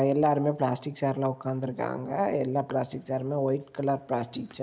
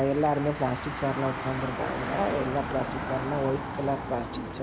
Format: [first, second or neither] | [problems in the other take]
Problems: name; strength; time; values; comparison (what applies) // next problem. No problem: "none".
first | background sound (Motor vehicle (road)); 5 dB below the speech